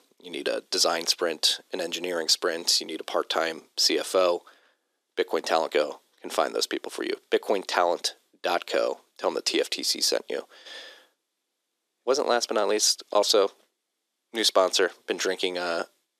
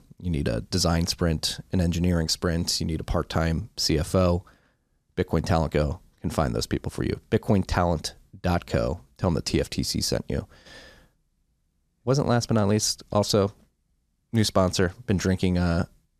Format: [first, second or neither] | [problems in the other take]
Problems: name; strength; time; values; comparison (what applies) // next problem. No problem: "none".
second | thin; very; fading below 350 Hz